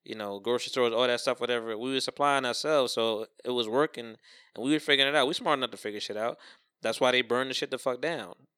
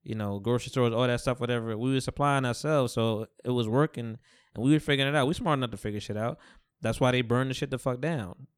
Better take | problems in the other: second | thin; somewhat; fading below 400 Hz

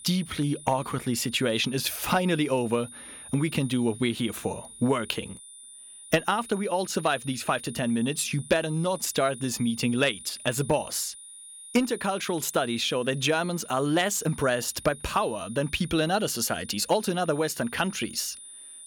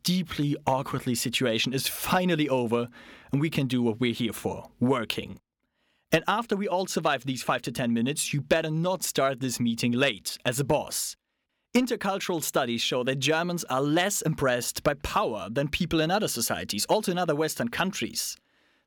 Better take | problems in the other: second | high-pitched whine; noticeable; throughout; 9.5 kHz, 15 dB below the speech

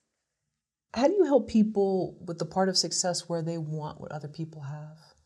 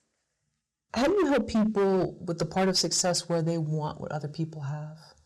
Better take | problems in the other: first | distortion; heavy; 10% of the sound clipped

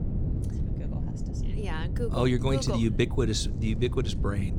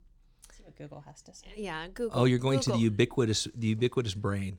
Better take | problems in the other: second | wind noise on the microphone; occasional gusts; 10 dB below the speech

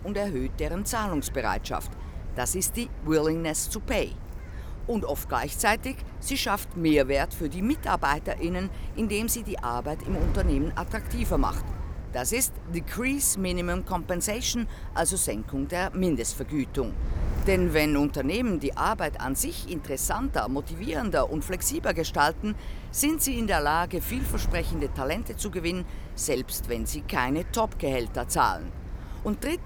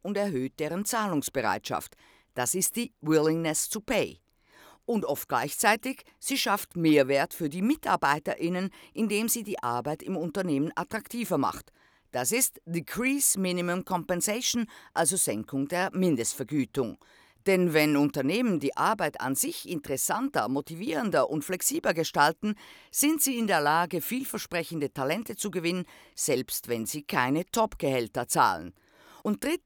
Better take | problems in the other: second | wind noise on the microphone; occasional gusts; 20 dB below the speech

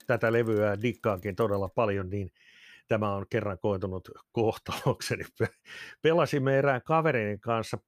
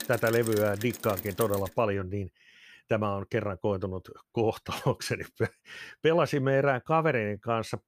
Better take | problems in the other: first | rain or running water; loud; until 1.5 s; 10 dB below the speech; faint in the first

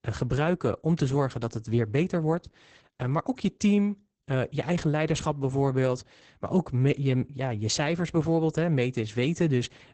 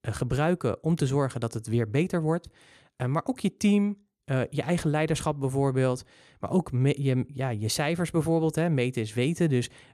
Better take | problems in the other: second | garbled, watery; badly; nothing above 8 kHz

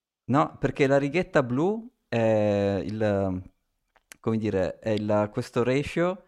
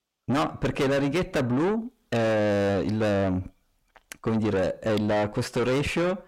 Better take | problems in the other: first | distortion; heavy; 6 dB below the speech

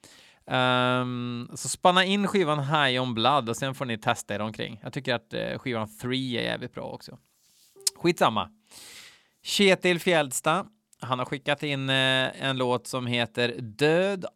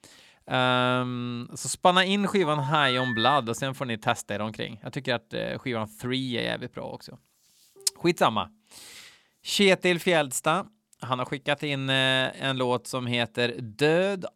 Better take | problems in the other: first | phone ringing; noticeable; at 2.5 s; peak 5 dB below the speech

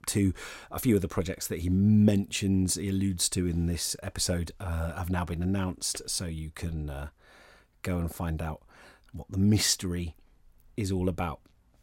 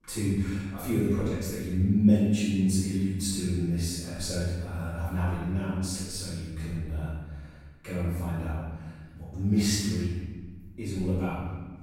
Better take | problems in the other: first | off-mic speech; far // room echo; strong; dies away in 1.2 s

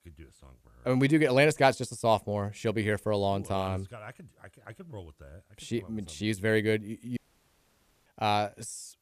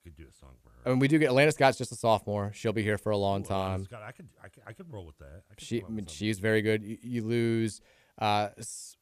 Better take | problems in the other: second | audio cutting out; at 7 s for 1 s

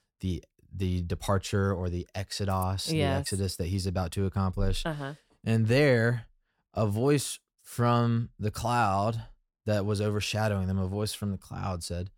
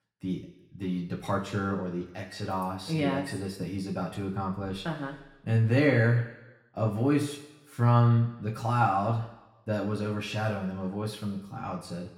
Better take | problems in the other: first | room echo; slight; dies away in 1 s // off-mic speech; far

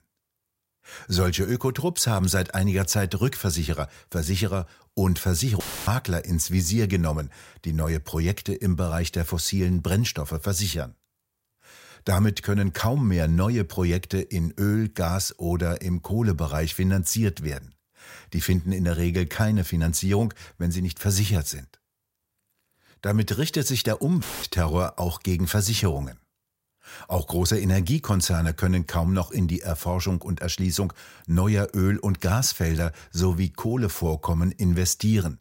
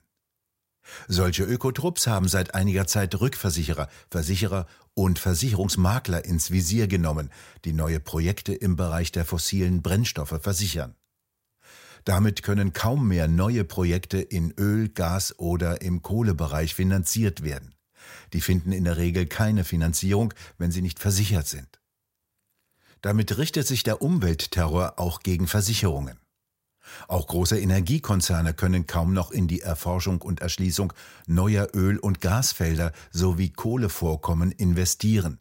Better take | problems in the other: second | audio cutting out; filled with static; at 5.5 s and at 24 s

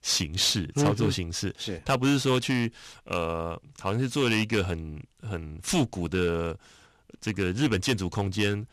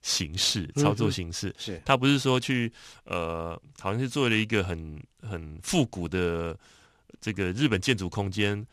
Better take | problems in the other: second | distortion; slight; 3% of the sound clipped

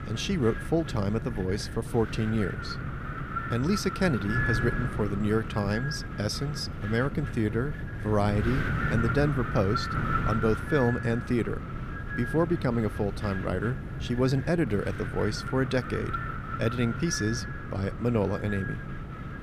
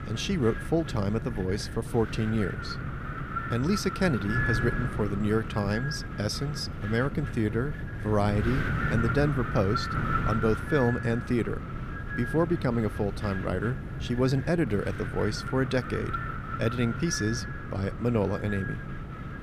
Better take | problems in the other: neither | wind noise on the microphone; heavy; 3 dB below the speech; the same in both

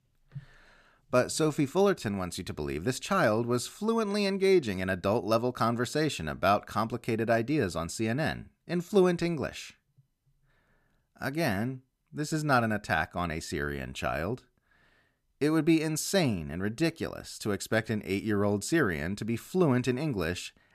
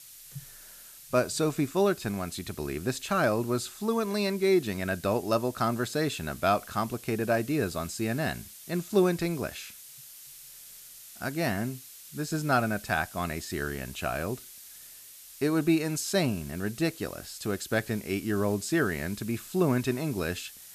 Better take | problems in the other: first | hiss; noticeable; throughout; 15 dB below the speech

